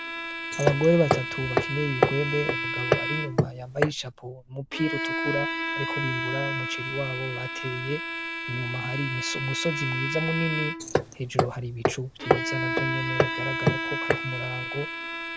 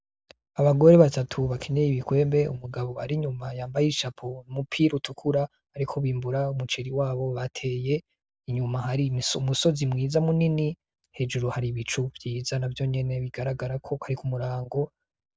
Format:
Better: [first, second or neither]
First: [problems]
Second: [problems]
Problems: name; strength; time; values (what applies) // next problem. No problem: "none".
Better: second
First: background sound (Bowed string instrument + Hammer); 2 dB above the speech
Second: none